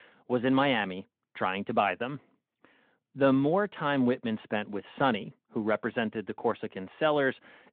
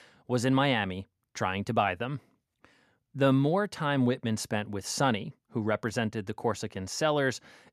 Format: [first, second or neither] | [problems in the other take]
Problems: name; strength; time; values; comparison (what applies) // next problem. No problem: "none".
second | phone-call audio